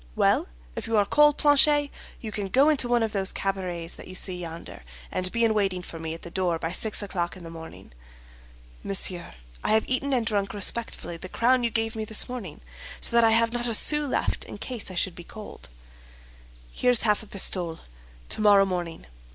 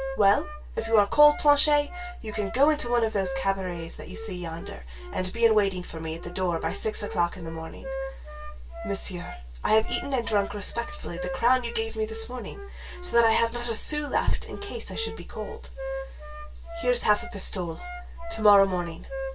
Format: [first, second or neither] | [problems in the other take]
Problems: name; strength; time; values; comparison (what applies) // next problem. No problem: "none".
first | background sound (Wind instrument, woodwind instrument); 13 dB below the speech // room echo; dies away in 0.1 s